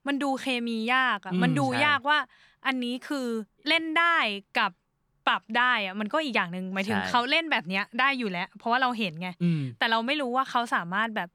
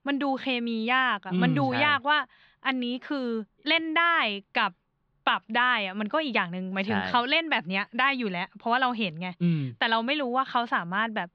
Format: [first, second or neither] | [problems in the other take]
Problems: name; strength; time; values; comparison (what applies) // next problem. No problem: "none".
first | muffled; very slightly; fading above 4 kHz